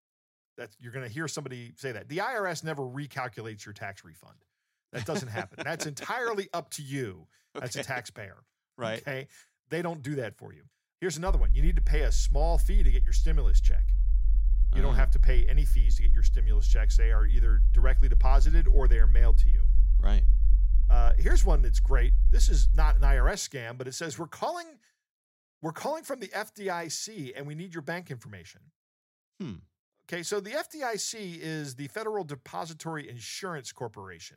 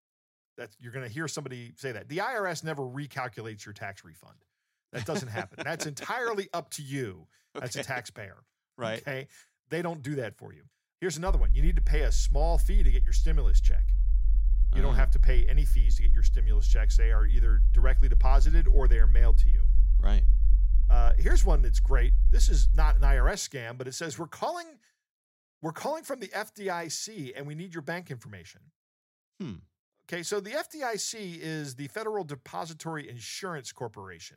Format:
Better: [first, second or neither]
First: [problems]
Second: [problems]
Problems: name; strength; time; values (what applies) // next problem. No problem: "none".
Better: neither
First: low rumble; noticeable; from 11 to 23 s; 15 dB below the speech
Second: low rumble; noticeable; from 11 to 23 s; 15 dB below the speech